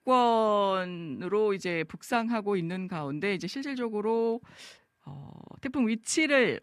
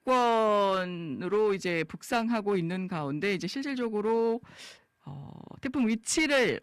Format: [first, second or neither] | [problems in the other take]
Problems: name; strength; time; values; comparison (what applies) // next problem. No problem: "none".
first | distortion; slight; 6% of the sound clipped